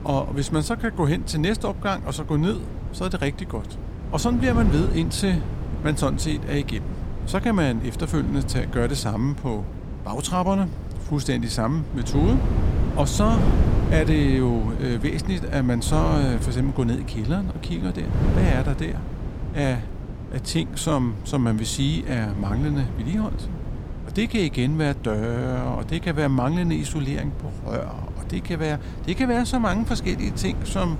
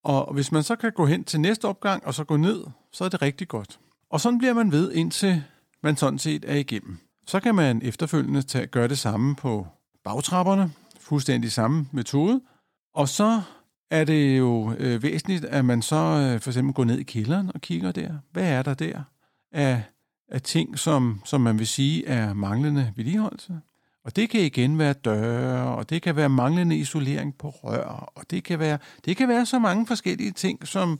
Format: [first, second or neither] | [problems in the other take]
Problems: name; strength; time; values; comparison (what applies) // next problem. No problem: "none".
second | wind noise on the microphone; occasional gusts; 10 dB below the speech